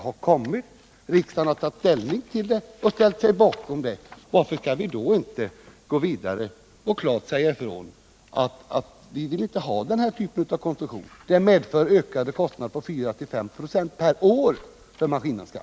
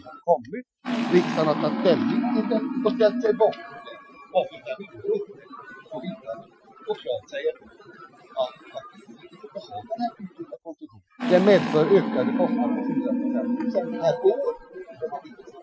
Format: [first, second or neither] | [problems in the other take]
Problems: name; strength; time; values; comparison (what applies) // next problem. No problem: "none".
first | noise reduction (classical method Wiener filter)